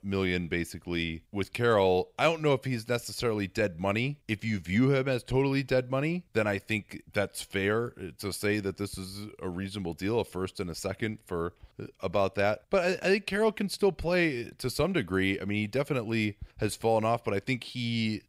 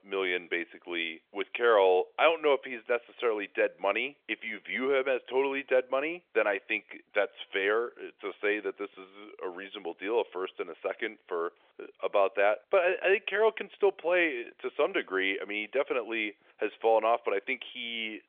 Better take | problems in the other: first | phone-call audio; nothing above 3.5 kHz

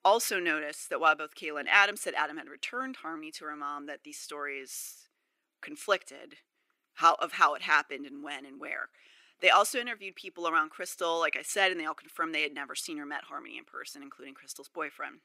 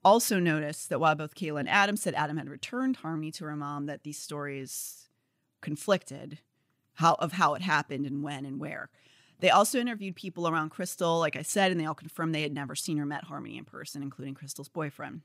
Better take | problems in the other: second | thin; somewhat; fading below 350 Hz

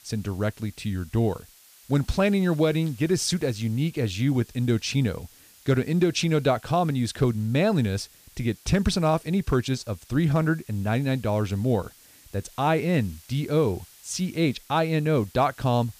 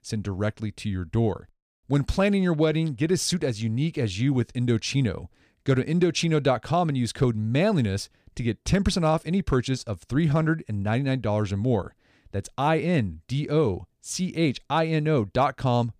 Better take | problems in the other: second | hiss; faint; throughout; 25 dB below the speech

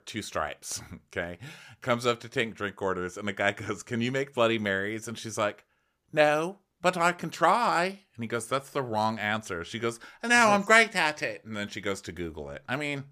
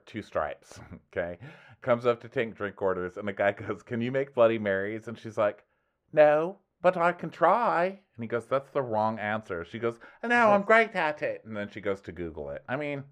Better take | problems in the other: first | muffled; very; fading above 3.5 kHz

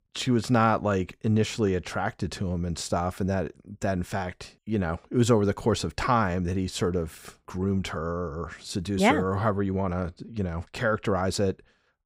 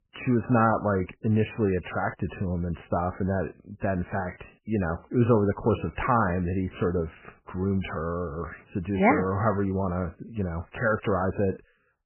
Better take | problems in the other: first | garbled, watery; badly; nothing above 3 kHz

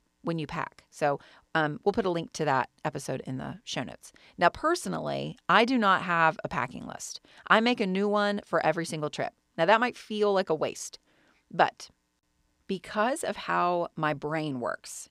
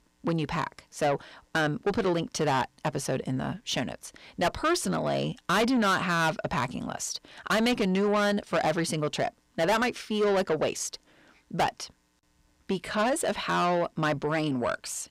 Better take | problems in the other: first | distortion; heavy; 6 dB below the speech

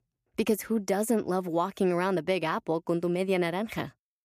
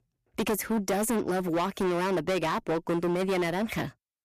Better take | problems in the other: first | distortion; heavy; 20% of the sound clipped

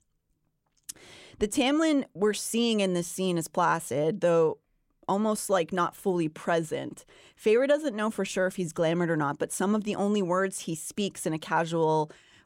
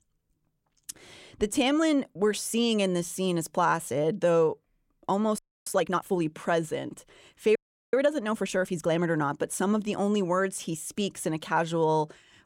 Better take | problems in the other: first | audio freezing; at 5.5 s and at 7.5 s

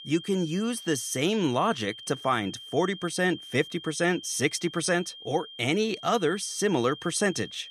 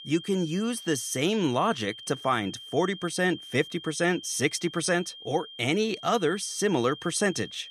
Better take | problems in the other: neither | high-pitched whine; noticeable; throughout; 3 kHz, 15 dB below the speech; the same in both

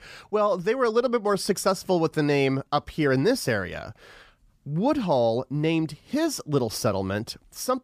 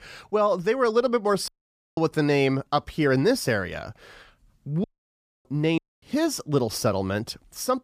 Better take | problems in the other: first | audio cutting out; at 1.5 s, at 5 s for 0.5 s and at 6 s

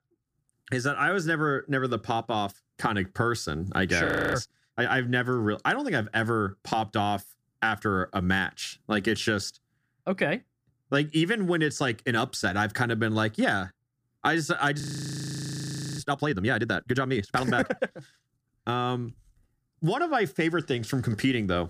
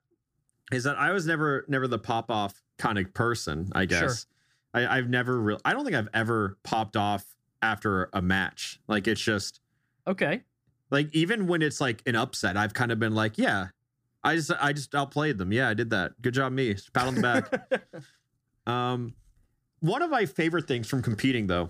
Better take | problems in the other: second | audio freezing; at 4 s and at 15 s for 1 s

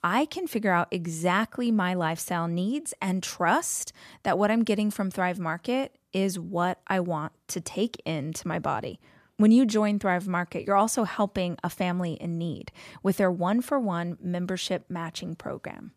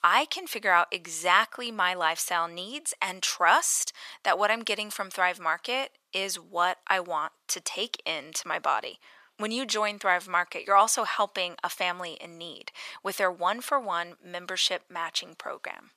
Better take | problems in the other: first | thin; very; fading below 700 Hz

